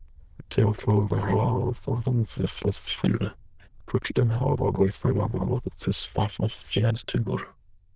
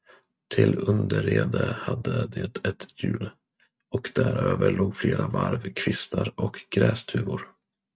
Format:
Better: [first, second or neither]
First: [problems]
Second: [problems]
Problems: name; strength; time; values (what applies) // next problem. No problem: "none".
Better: second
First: noise reduction (neural diffusion model UNIVERSE++)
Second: none